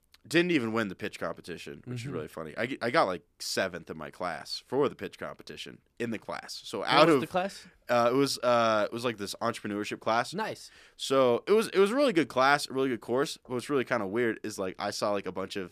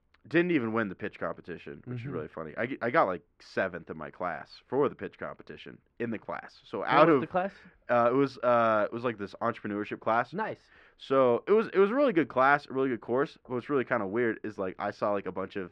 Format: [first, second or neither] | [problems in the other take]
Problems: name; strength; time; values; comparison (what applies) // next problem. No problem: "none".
first | muffled; very; fading above 1.5 kHz